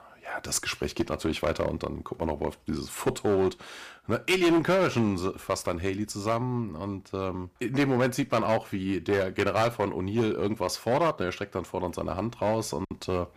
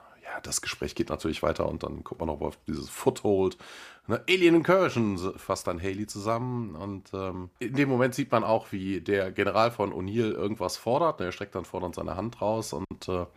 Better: second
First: distortion; slight; 6% of the sound clipped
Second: none

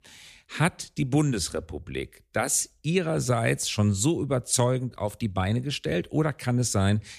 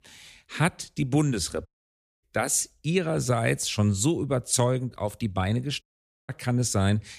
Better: first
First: none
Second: audio cutting out; at 1.5 s for 0.5 s and at 6 s

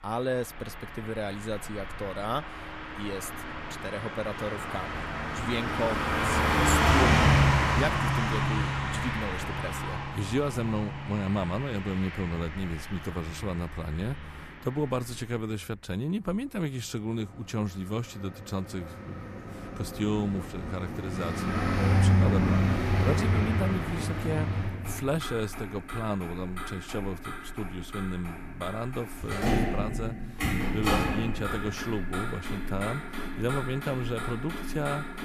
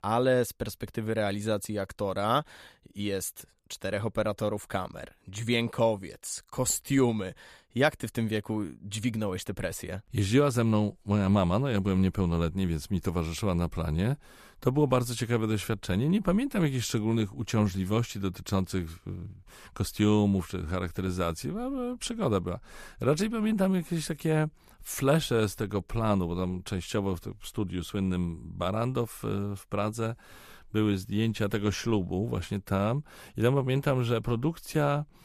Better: second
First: traffic noise; very loud; throughout; 4 dB above the speech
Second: none

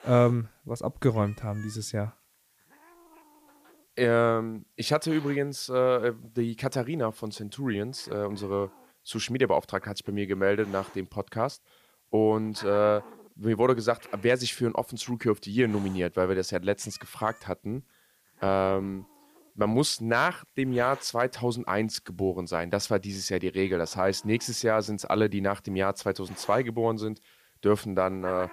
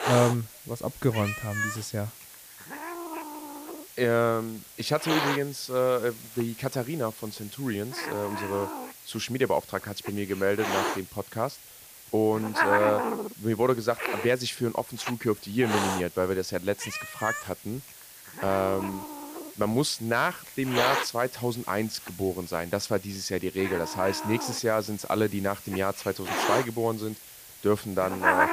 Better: first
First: hiss; faint; throughout; 25 dB below the speech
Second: hiss; loud; throughout; 4 dB below the speech

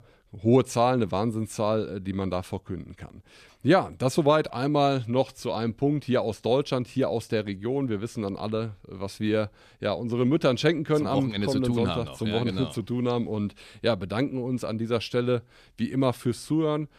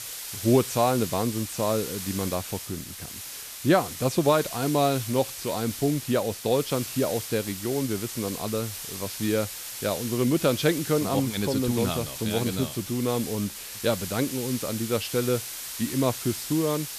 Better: first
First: none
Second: hiss; loud; throughout; 7 dB below the speech

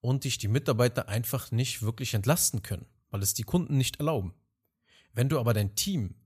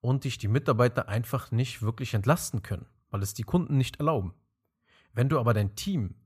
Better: first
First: none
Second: muffled; slightly; fading above 3.5 kHz

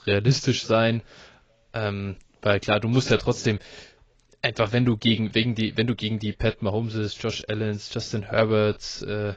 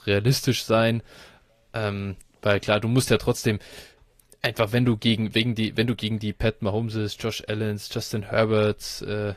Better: second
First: garbled, watery; badly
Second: garbled, watery; slightly; nothing above 14.5 kHz

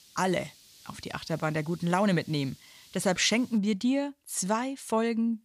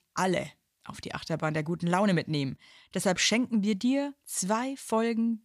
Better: second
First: hiss; faint; until 3.5 s; 25 dB below the speech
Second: none

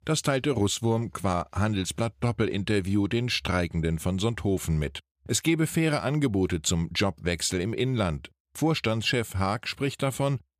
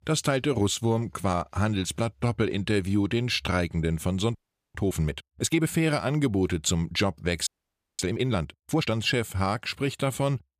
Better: first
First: none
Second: audio freezing; at 4.5 s and at 7.5 s for 0.5 s

